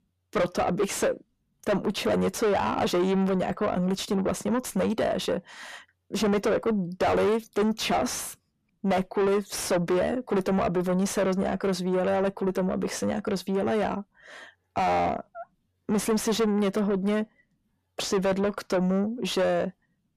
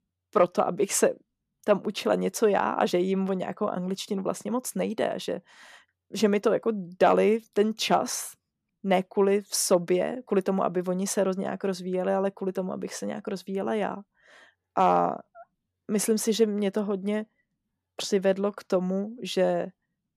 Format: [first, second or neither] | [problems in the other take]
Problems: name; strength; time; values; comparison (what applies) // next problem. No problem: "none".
second | distortion; heavy; 6 dB below the speech